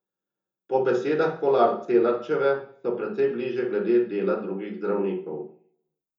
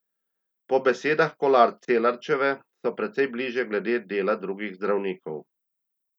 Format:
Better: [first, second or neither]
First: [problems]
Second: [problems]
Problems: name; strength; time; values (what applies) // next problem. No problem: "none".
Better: second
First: room echo; dies away in 0.6 s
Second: none